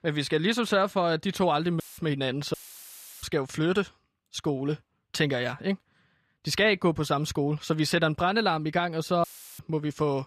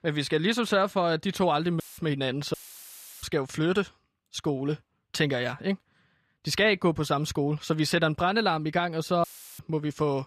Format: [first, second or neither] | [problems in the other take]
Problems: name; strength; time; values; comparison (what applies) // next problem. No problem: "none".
neither | audio cutting out; filled with static; at 2 s, at 2.5 s for 0.5 s and at 9 s; the same in both